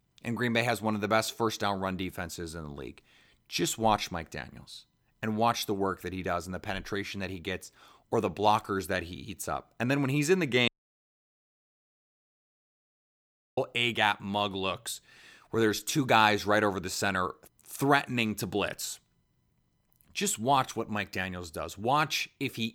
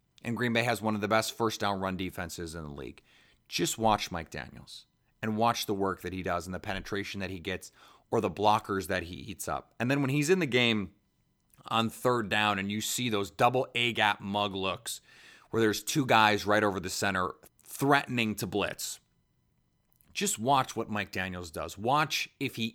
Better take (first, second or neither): second